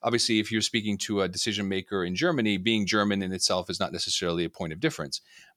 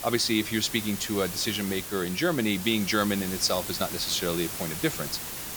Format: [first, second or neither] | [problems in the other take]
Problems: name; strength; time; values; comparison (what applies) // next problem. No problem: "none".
first | hiss; loud; throughout; 6 dB below the speech